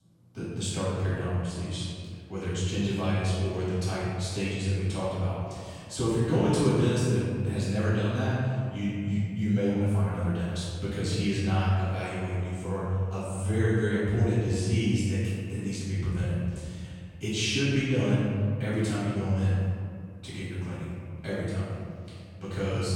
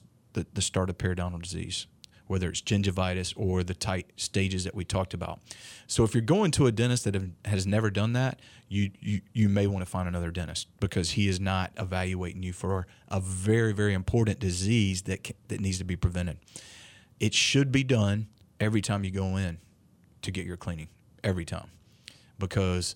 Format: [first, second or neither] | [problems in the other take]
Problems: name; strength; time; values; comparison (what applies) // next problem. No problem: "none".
second | room echo; strong; dies away in 2.2 s // off-mic speech; far